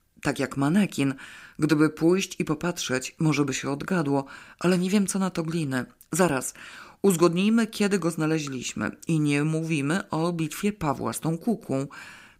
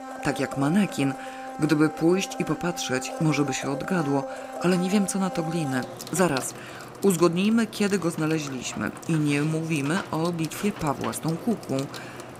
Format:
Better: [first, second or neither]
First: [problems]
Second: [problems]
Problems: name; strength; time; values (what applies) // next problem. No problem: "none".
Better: first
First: none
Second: household noises; noticeable; throughout; 10 dB below the speech